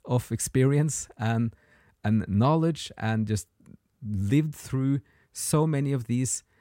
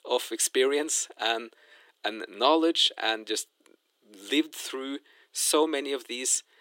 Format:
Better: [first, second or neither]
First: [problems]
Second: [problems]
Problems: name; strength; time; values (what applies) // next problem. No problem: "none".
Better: first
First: none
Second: thin; very; fading below 300 Hz